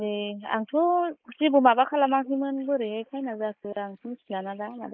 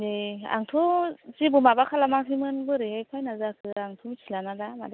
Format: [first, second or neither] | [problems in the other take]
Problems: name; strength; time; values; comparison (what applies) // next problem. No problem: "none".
second | noise reduction (neural mask model Resemble Enhance denoiser)